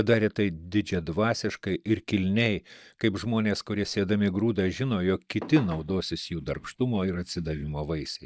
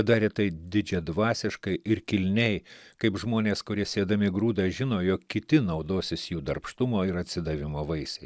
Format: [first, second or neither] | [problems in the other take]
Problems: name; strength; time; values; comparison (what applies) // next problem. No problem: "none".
second | noise reduction (neural mask model DeepFilterNet 3)